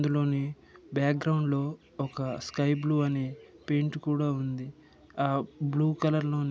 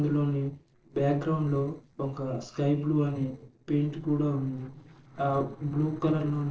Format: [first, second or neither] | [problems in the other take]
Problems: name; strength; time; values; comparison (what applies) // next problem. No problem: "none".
first | noise reduction (neural separator model SepFormer DNS4)